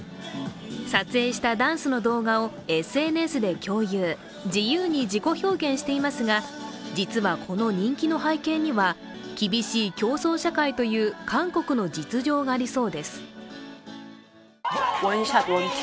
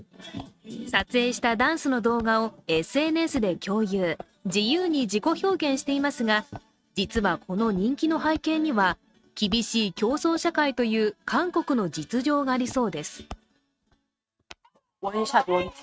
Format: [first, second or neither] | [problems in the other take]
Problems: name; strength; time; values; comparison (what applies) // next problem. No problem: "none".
first | noise reduction (neural mask model RNNoise)